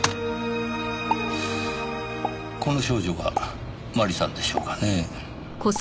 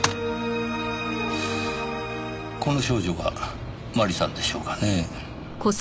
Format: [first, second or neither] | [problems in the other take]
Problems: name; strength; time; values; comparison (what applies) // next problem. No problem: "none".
second | background sound (Explosion); 10 dB below the speech